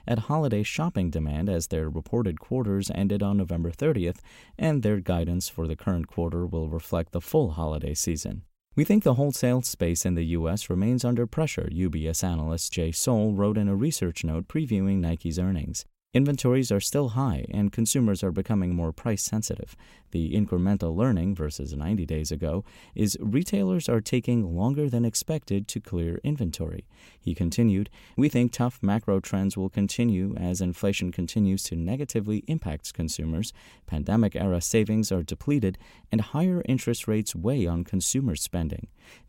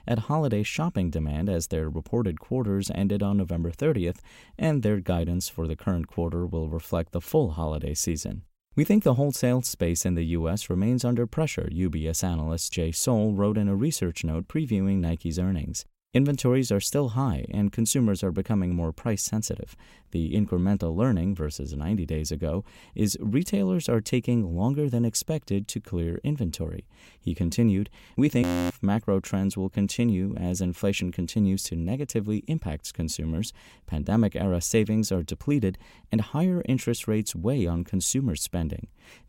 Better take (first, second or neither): first